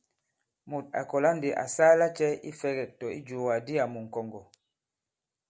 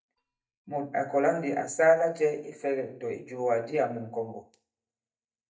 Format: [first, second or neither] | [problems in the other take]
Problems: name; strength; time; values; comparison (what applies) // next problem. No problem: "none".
first | noise reduction (neural mask model DeepFilterNet 3)